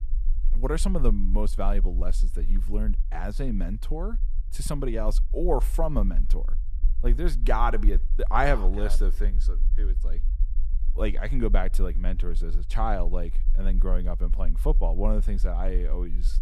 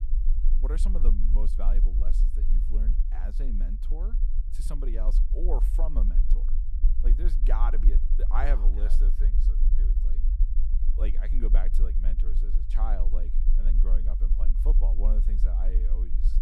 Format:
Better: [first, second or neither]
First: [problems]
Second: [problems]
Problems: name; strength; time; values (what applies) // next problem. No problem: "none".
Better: first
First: low rumble; faint; throughout; 25 dB below the speech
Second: low rumble; loud; throughout; 9 dB below the speech